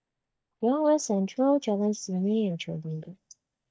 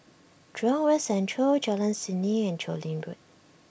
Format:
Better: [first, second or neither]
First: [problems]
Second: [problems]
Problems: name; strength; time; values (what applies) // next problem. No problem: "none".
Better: second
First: noise reduction (neural mask model DeepFilterNet 3)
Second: none